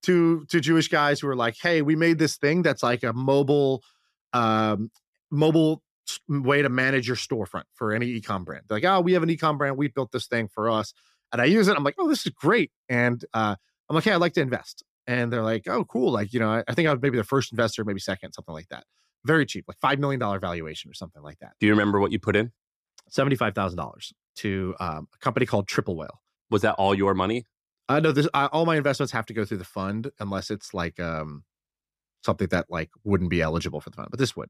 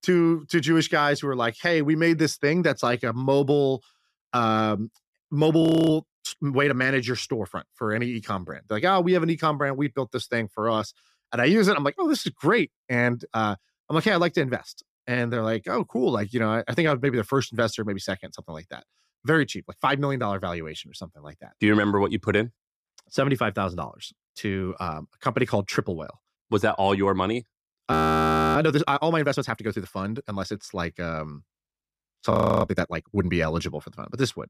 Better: first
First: none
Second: audio freezing; at 5.5 s, at 28 s for 0.5 s and at 32 s

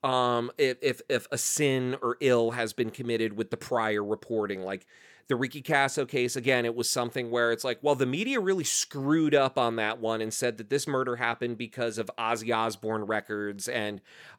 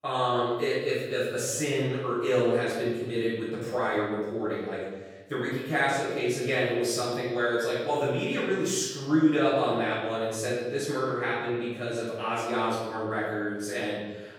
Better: first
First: none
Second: off-mic speech; far // room echo; strong; dies away in 1.1 s

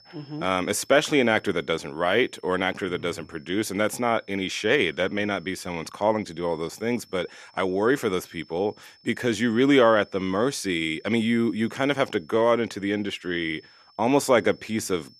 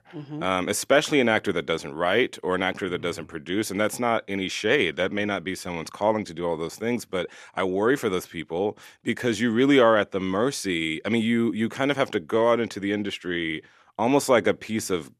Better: second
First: high-pitched whine; faint; throughout; 5.5 kHz, 30 dB below the speech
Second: none

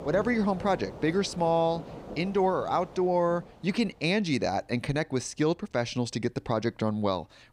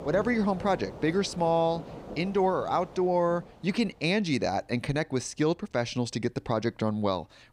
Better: neither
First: rain or running water; noticeable; throughout; 15 dB below the speech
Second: rain or running water; noticeable; throughout; 15 dB below the speech

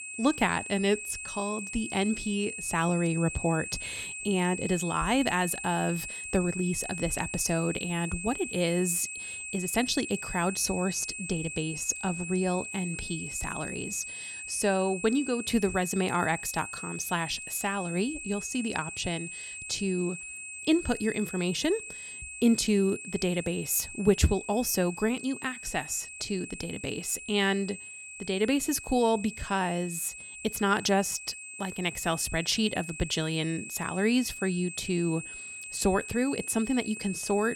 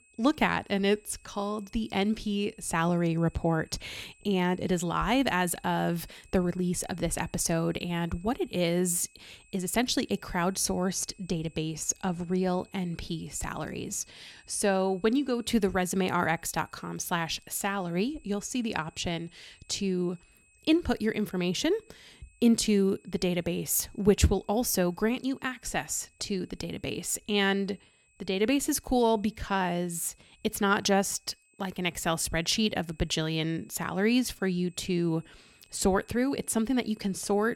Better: second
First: high-pitched whine; loud; throughout; 2.5 kHz, 8 dB below the speech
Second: high-pitched whine; faint; throughout; 2.5 kHz, 30 dB below the speech

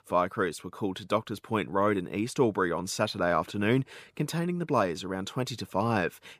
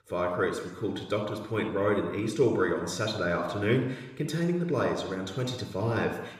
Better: first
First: none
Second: room echo; slight; dies away in 1 s

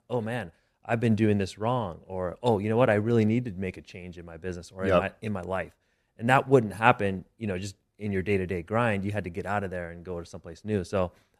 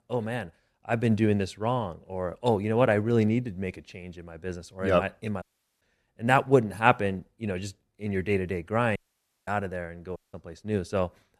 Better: first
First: none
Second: audio cutting out; at 5.5 s, at 9 s for 0.5 s and at 10 s

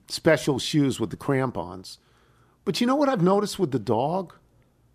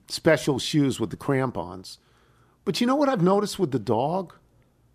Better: neither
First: none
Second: none

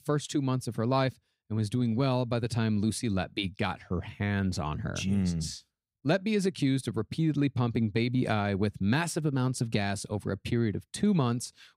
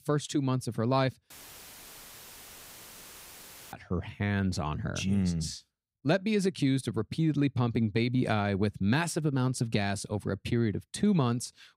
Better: first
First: none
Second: audio cutting out; filled with static; at 1.5 s for 2.5 s

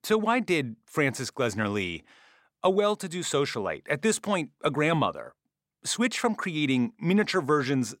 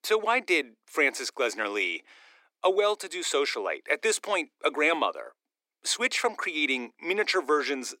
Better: first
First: none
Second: thin; somewhat; fading below 300 Hz

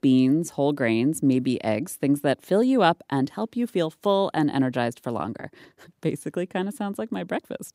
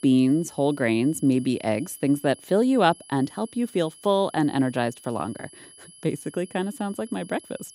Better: first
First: none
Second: high-pitched whine; faint; throughout; 10.5 kHz, 20 dB below the speech

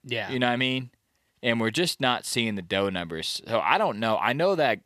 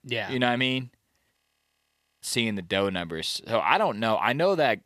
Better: first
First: none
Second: audio freezing; at 1.5 s for 1 s

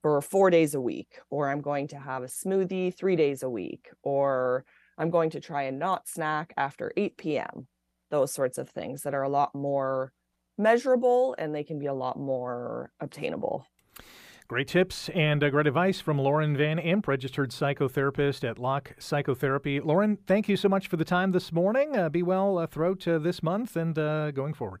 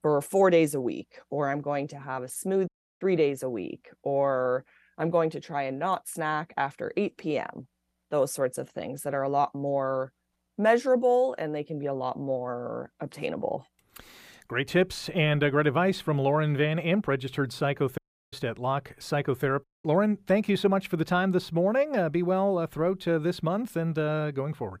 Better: first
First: none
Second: audio cutting out; at 2.5 s, at 18 s and at 20 s

